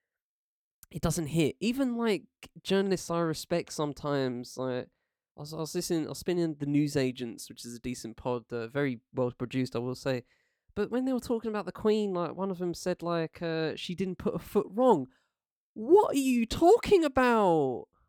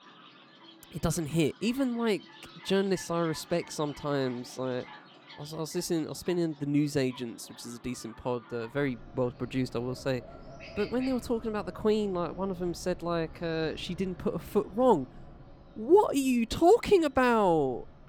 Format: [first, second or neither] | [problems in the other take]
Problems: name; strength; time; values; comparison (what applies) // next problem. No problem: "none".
first | animal sounds; faint; throughout; 20 dB below the speech